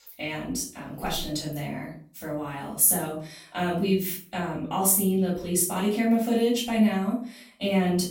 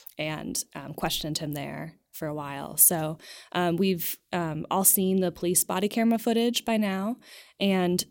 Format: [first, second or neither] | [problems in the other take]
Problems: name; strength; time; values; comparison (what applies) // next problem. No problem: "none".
second | off-mic speech; far // room echo; noticeable; dies away in 0.4 s